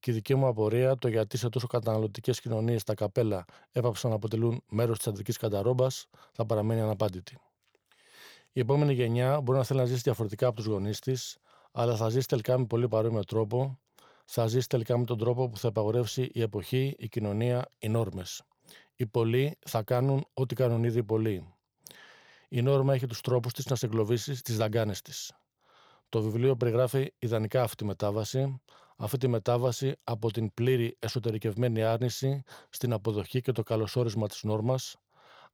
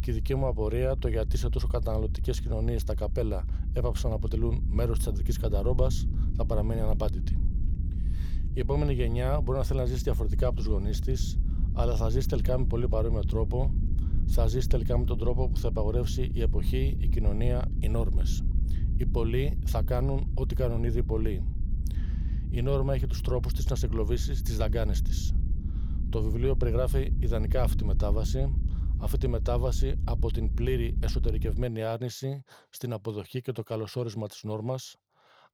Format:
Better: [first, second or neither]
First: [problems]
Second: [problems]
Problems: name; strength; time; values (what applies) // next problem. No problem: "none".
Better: first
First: none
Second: low rumble; noticeable; until 32 s; 10 dB below the speech